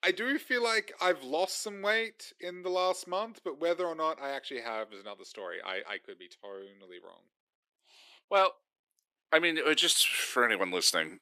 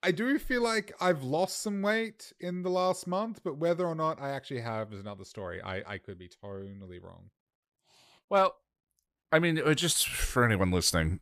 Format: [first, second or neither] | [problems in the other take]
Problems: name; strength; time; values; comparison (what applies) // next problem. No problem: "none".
second | thin; somewhat; fading below 300 Hz